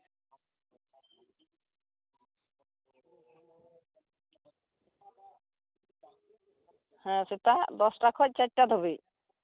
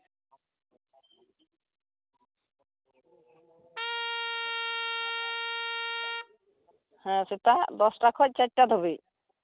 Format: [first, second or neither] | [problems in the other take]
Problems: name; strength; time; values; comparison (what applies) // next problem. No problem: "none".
first | background sound (Trumpet); 3 dB below the speech